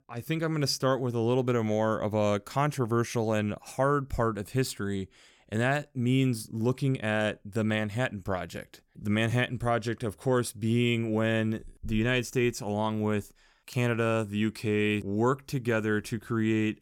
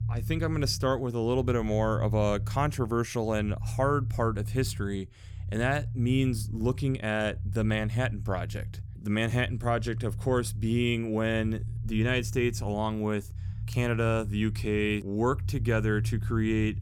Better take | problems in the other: first | low rumble; noticeable; throughout; 20 dB below the speech

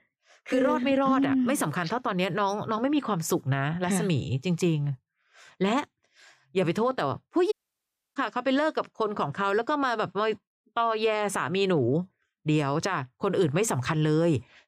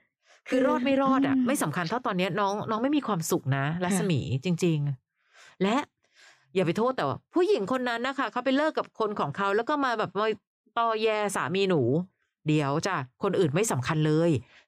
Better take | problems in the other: second | audio cutting out; at 7.5 s for 0.5 s

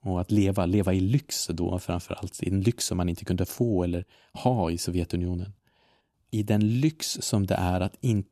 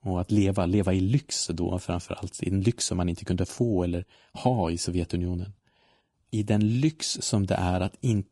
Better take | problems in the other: first | garbled, watery; slightly; nothing above 10 kHz

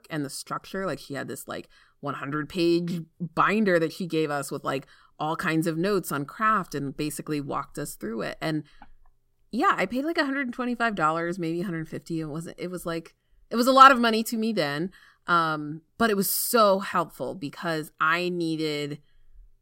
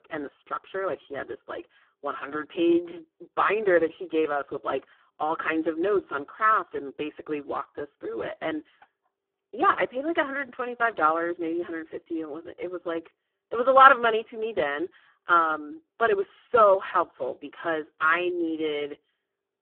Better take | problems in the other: first | phone-call audio; poor line

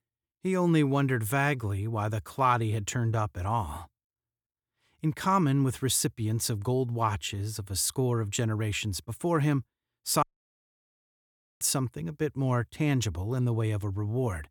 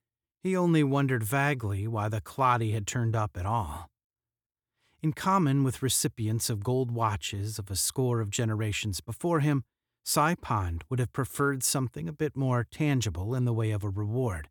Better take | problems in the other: second | audio cutting out; at 10 s for 1.5 s

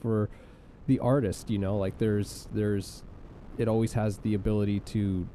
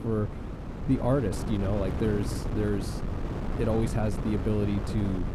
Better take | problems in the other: first | wind noise on the microphone; heavy; 6 dB below the speech; occasional gusts in the first

